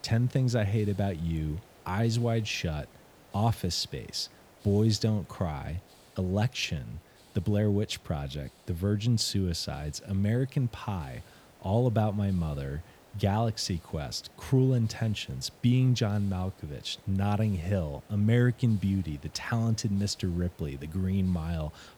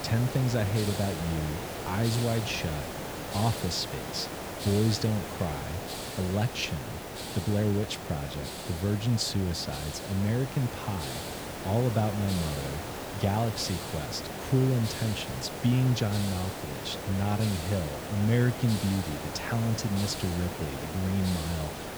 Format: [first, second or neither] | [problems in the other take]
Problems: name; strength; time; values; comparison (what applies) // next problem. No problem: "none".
first | hiss; loud; throughout; 6 dB below the speech; faint in the first